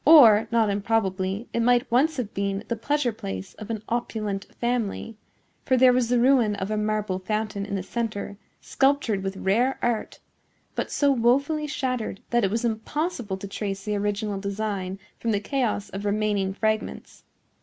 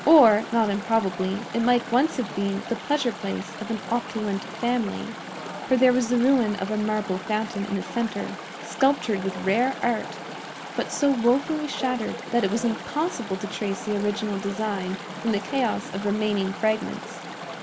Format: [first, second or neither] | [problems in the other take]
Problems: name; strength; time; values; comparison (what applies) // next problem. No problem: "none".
first | background sound (Chatter / Stream); 11 dB below the speech